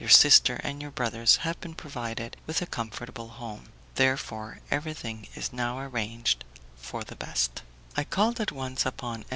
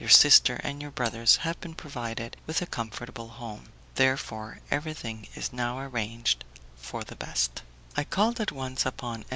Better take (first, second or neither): first